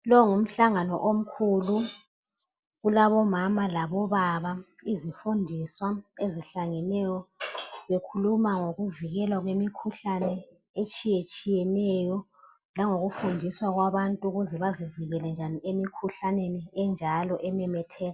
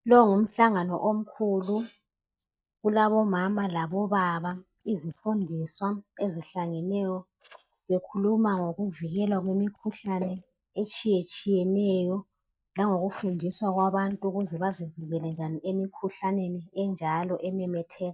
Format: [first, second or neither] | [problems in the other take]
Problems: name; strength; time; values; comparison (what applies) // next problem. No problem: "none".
first | noise reduction (neural mask model DeepFilterNet 3)